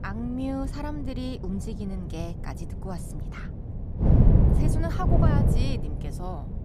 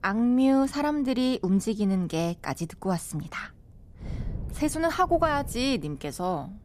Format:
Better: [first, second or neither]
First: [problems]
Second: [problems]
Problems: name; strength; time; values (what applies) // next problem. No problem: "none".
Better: second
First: wind noise on the microphone; heavy; 1 dB above the speech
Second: wind noise on the microphone; occasional gusts; 25 dB below the speech